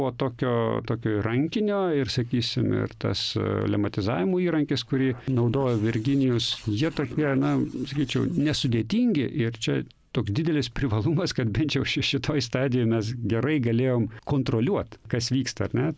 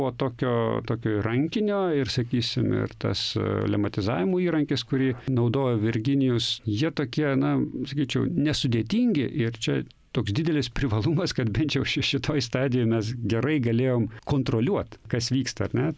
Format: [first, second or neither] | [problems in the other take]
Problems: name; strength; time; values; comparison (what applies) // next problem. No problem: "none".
second | noise reduction (neural separator model SepFormer DNS4)